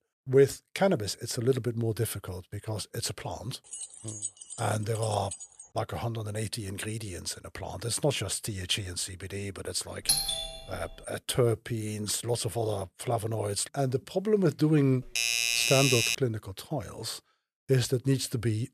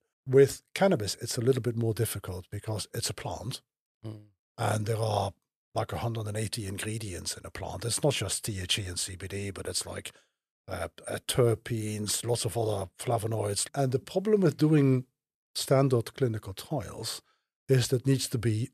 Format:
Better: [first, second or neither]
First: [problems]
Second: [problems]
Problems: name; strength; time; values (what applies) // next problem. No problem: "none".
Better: second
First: jangling keys; noticeable; from 3.5 to 5.5 s; peak 6 dB below the speech // doorbell; loud; at 10 s and from 15 to 16 s; peak 6 dB above the speech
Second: none